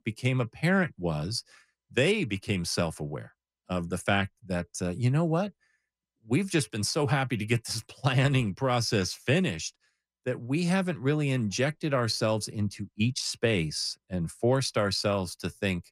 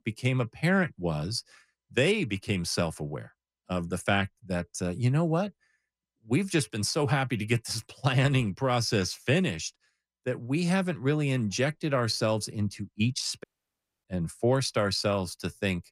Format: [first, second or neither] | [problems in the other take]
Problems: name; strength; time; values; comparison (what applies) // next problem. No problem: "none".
first | audio cutting out; at 13 s for 0.5 s